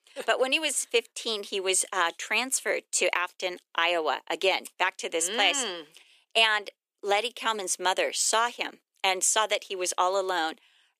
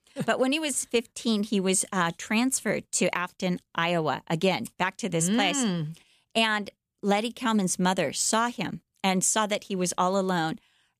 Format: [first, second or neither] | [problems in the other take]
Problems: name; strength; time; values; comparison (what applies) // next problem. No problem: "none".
second | thin; very; fading below 350 Hz